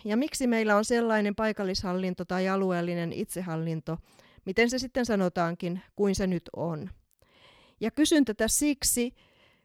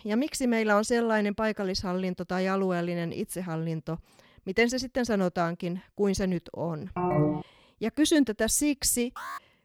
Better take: first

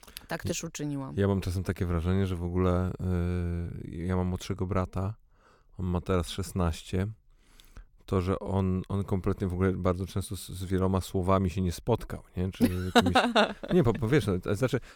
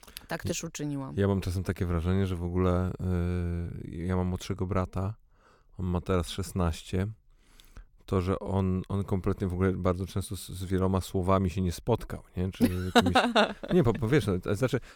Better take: neither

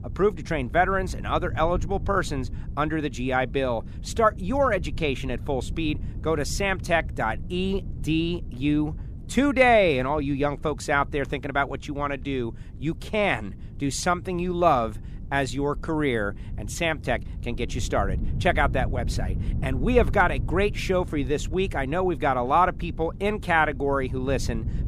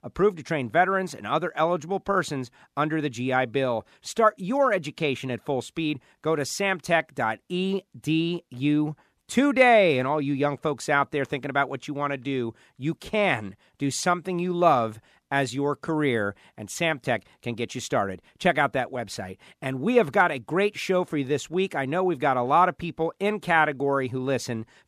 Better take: second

